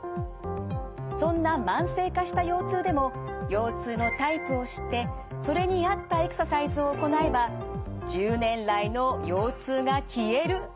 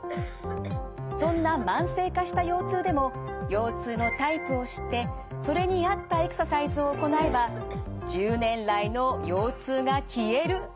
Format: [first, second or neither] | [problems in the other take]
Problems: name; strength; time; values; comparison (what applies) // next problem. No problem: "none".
first | background sound (Cough); 17 dB below the speech